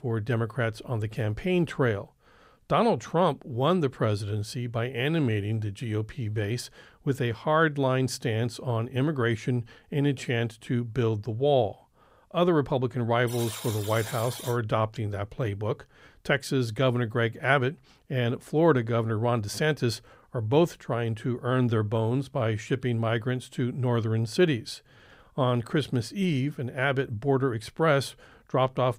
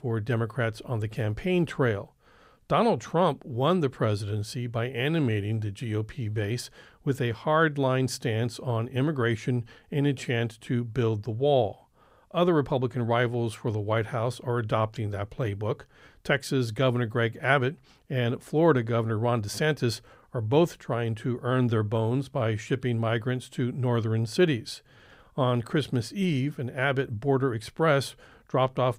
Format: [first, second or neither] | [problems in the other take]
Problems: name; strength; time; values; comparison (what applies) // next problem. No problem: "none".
second | alarm; noticeable; from 13 to 15 s; peak 9 dB below the speech